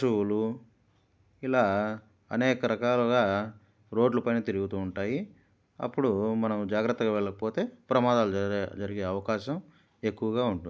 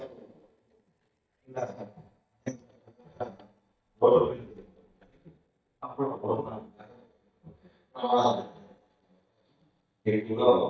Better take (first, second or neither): first